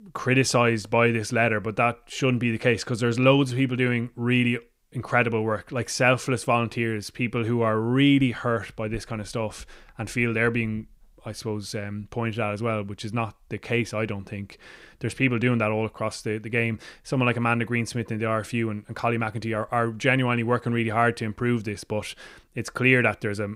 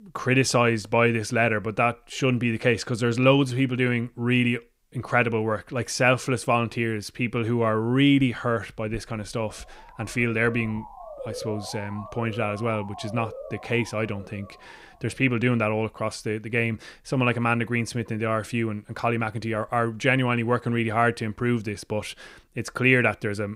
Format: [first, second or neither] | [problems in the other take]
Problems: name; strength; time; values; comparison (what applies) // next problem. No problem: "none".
first | siren; faint; from 9.5 to 15 s; peak 10 dB below the speech